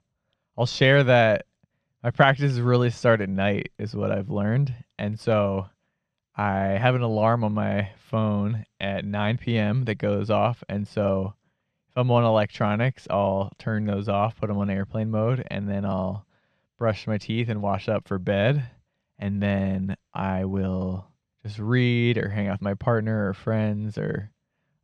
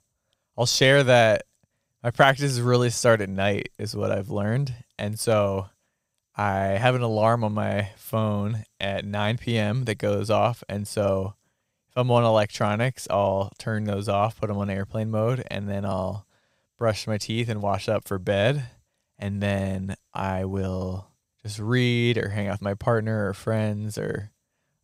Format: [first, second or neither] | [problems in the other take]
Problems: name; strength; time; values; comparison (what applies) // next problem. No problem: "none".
second | muffled; slightly; fading above 3 kHz